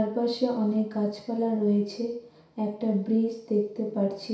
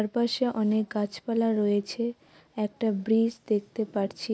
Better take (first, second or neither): second